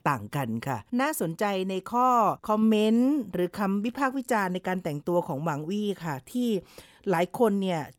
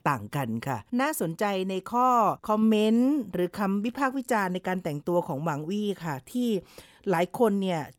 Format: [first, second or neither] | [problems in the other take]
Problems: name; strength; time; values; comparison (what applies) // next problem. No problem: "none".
neither | none